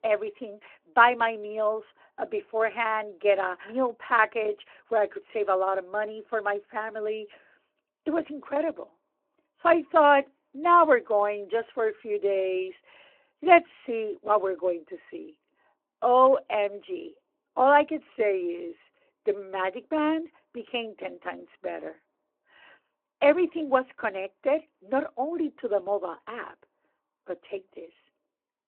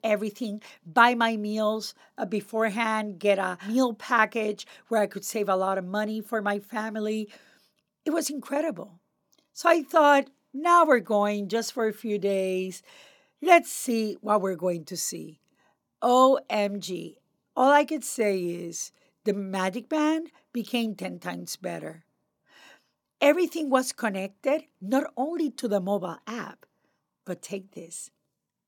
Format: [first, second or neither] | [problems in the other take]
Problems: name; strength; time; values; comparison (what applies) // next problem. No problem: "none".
second | phone-call audio